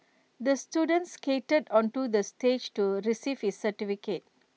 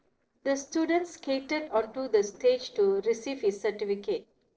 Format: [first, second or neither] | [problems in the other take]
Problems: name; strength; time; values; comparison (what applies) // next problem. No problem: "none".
first | noise reduction (neural separator model SepFormer DNS4)